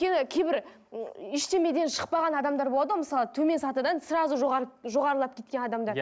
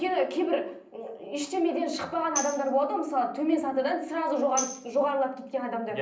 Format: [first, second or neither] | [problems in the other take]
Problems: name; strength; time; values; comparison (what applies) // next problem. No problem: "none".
first | background sound (Tambourine); 11 dB below the speech // room echo; dies away in 0.6 s